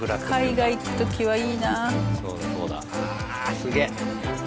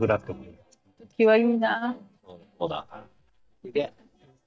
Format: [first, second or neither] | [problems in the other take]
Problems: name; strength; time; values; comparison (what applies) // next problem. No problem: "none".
first | noise reduction (neural mask model DeepFilterNet 3)